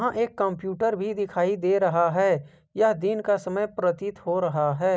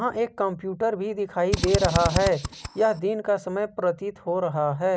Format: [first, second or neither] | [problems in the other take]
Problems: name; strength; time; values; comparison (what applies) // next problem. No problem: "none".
first | background sound (Drill); 2 dB below the speech